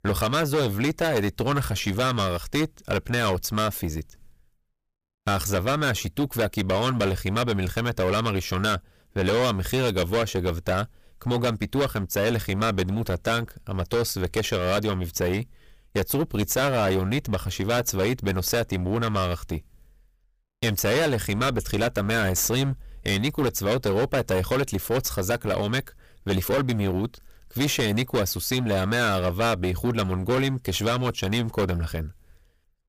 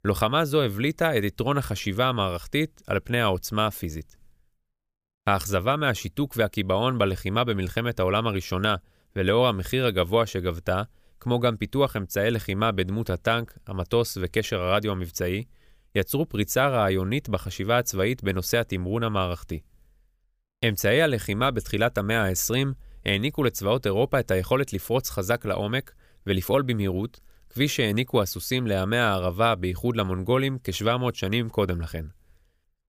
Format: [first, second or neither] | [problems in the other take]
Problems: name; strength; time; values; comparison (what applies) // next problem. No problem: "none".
second | distortion; heavy; 15% of the sound clipped